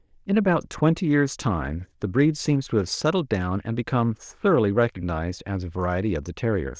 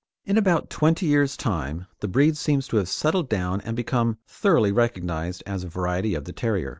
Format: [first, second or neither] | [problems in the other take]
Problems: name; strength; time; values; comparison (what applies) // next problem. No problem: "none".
second | noise reduction (neural diffusion model UNIVERSE++)